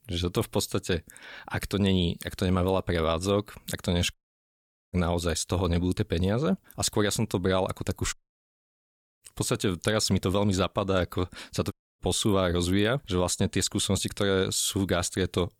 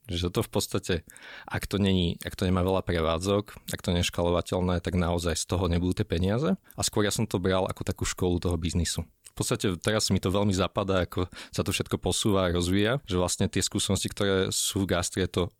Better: second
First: audio cutting out; at 4 s for 1 s, at 8 s for 1 s and at 12 s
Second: none

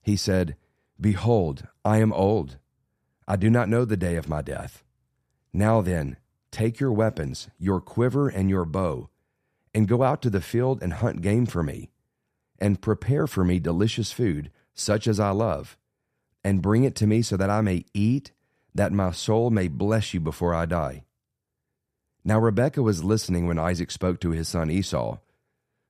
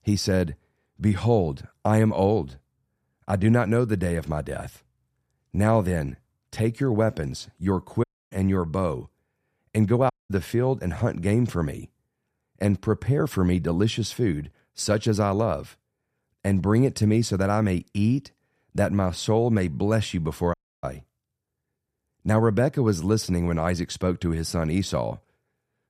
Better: first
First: none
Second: audio cutting out; at 8 s, at 10 s and at 21 s

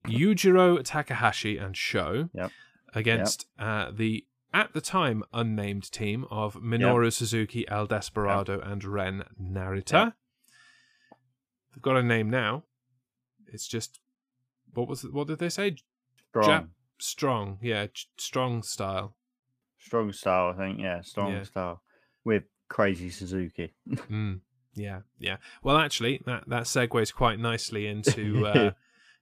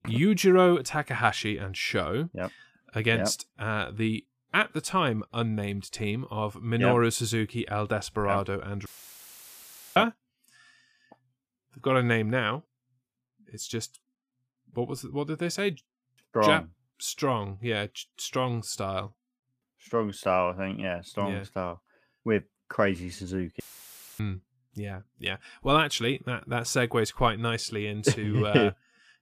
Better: first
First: none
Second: audio cutting out; filled with static; at 9 s for 1 s and at 24 s for 0.5 s

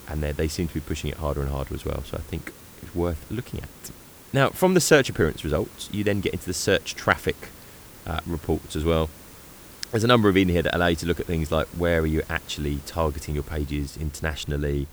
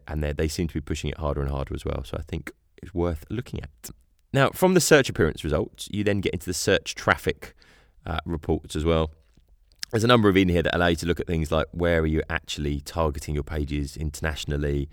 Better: second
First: hiss; noticeable; throughout; 20 dB below the speech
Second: none

